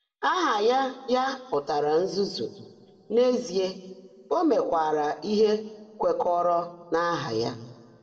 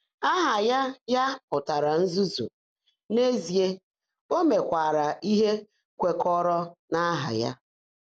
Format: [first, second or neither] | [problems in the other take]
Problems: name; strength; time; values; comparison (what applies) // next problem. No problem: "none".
second | room echo; dies away in 1.3 s